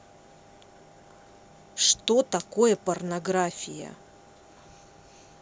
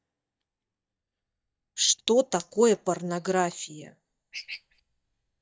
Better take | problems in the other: first | noise reduction (neural mask model DeepFilterNet 3)

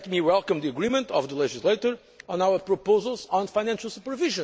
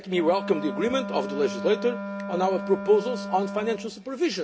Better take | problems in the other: first | background sound (Wind instrument, woodwind instrument); 8 dB below the speech // room echo; dies away in 0.3 s

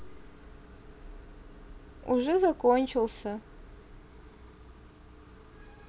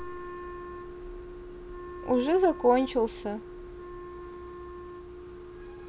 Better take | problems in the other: first | background sound (Wind instrument, woodwind instrument); 11 dB below the speech

